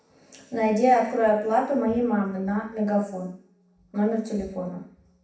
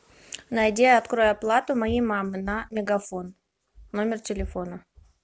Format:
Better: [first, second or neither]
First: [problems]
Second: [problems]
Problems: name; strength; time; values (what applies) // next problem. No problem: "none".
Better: second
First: room echo; dies away in 0.7 s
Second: none